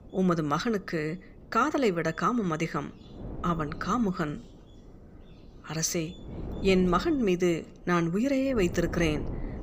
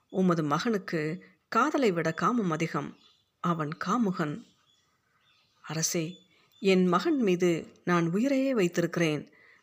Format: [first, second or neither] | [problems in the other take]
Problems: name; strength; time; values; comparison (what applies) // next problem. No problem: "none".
second | wind noise on the microphone; occasional gusts; 20 dB below the speech